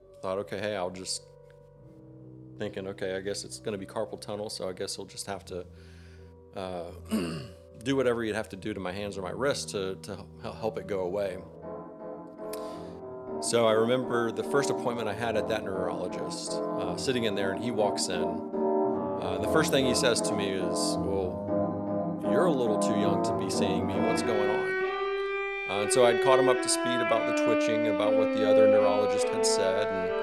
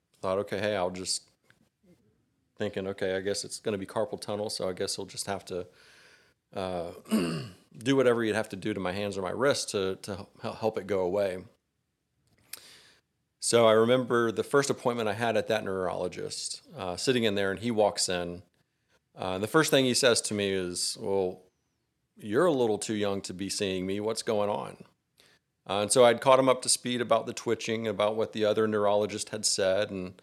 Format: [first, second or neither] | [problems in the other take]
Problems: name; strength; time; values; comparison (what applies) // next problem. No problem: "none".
second | background music; very loud; throughout; 1 dB above the speech